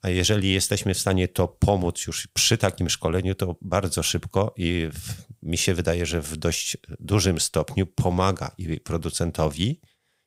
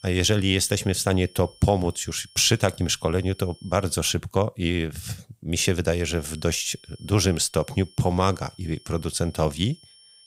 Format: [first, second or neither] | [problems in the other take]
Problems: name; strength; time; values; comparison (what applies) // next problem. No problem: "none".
first | high-pitched whine; faint; until 4 s and from 6 s on; 5.5 kHz, 25 dB below the speech